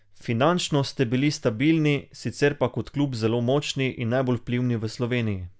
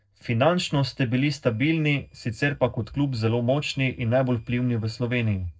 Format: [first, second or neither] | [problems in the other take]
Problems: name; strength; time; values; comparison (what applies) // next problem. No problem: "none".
first | noise reduction (neural separator model SepFormer DNS4)